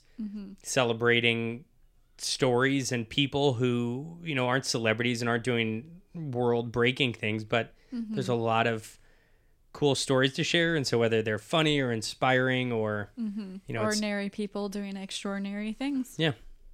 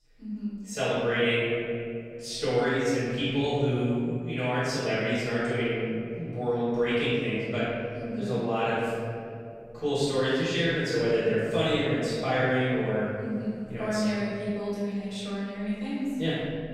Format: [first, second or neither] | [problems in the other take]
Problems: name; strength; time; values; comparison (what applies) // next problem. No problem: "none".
first | room echo; strong; dies away in 2.6 s // off-mic speech; far